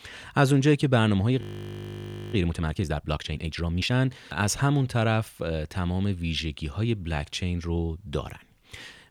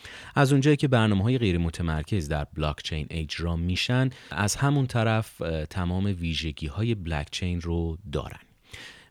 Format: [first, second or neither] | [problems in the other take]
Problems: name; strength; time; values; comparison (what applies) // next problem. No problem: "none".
second | audio freezing; at 1.5 s for 1 s